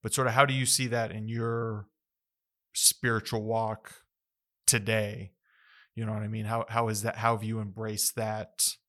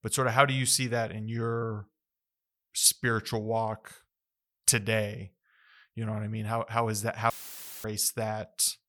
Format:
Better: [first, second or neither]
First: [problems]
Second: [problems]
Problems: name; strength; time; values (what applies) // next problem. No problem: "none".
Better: first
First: none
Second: audio cutting out; filled with static; at 7.5 s for 0.5 s